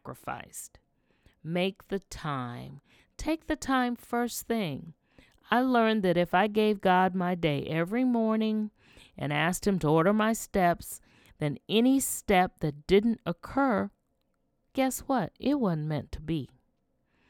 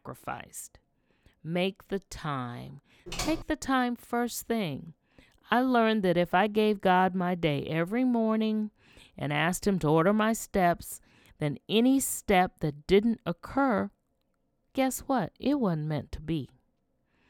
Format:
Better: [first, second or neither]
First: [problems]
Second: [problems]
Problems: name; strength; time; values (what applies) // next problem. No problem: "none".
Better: first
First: none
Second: keyboard typing; noticeable; at 3 s; peak 7 dB below the speech